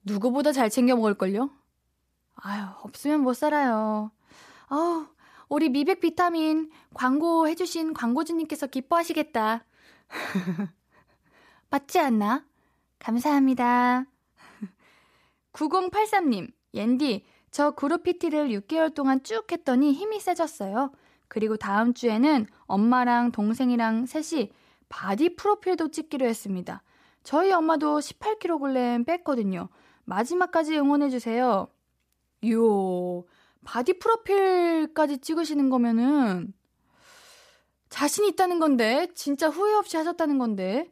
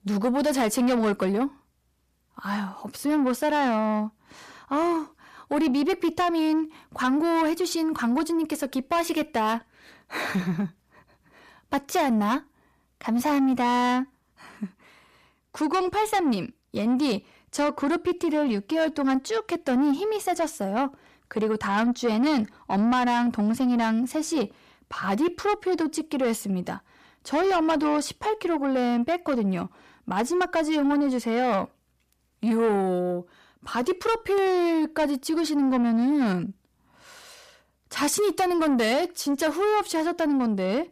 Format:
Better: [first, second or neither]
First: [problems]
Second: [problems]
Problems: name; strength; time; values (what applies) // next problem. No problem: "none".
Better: first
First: none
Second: distortion; slight; 10 dB below the speech